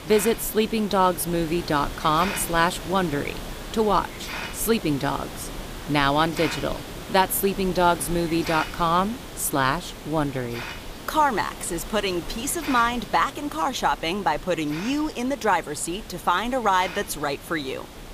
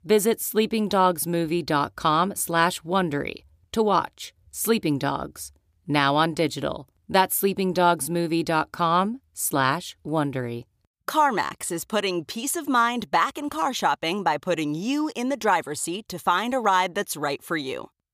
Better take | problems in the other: second | hiss; noticeable; throughout; 10 dB below the speech

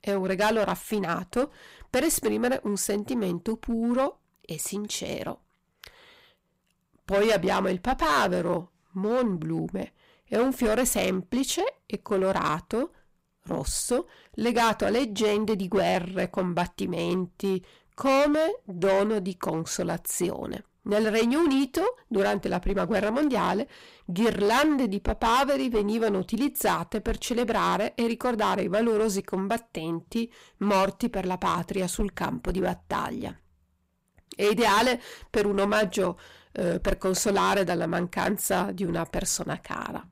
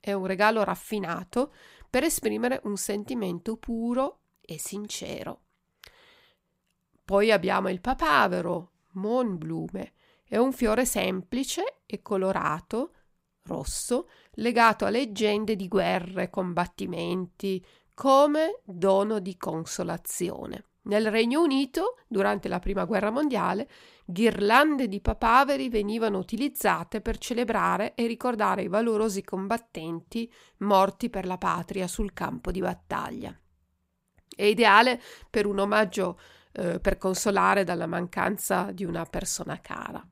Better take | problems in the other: second | distortion; heavy; 8% of the sound clipped

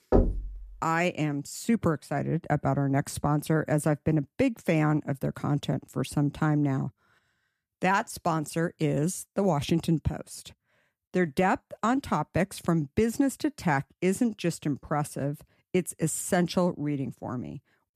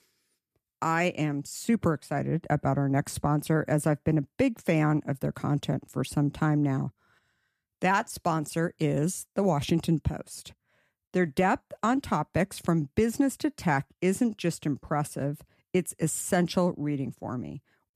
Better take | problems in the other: second | door banging; loud; at the start; peak 3 dB above the speech

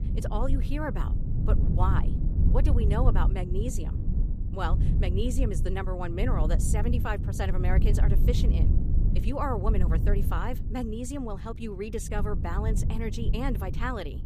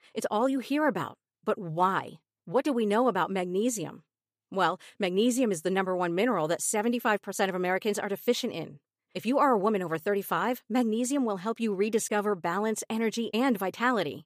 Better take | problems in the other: second | low rumble; loud; throughout; 7 dB below the speech

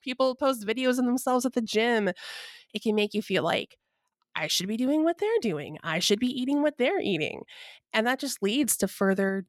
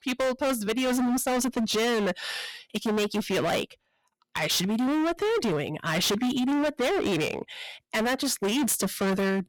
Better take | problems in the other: first | distortion; heavy; 30% of the sound clipped

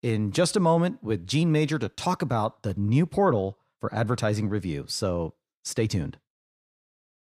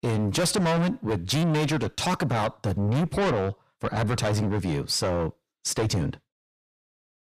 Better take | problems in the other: first | distortion; heavy; 6 dB below the speech

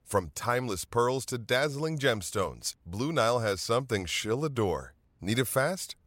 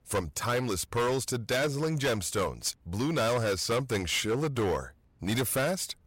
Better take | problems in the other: first | distortion; heavy; 14% of the sound clipped

